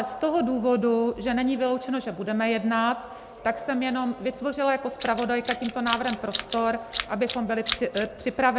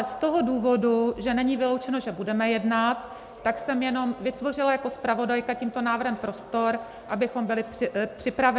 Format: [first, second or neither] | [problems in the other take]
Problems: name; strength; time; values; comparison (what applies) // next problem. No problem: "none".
second | background sound (Tools); 10 dB below the speech